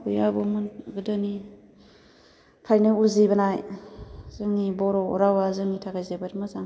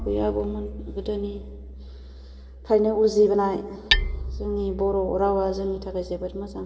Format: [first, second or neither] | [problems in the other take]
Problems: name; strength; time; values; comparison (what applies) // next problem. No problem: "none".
first | background sound (Hammer); 7 dB below the speech // room echo; dies away in 2.4 s